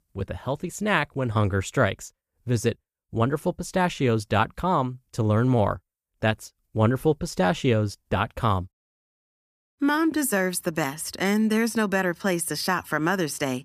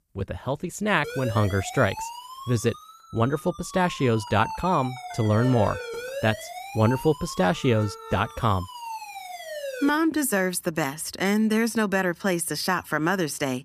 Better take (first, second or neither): first